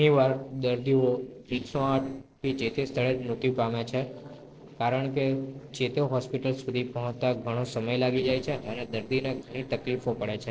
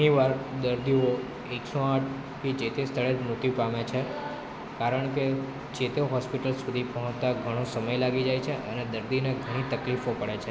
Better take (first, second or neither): second